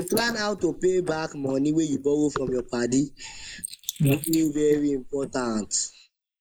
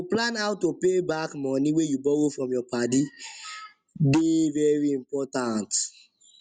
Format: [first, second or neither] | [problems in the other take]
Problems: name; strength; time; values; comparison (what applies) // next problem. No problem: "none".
second | noise reduction (neural mask model Resemble Enhance denoiser)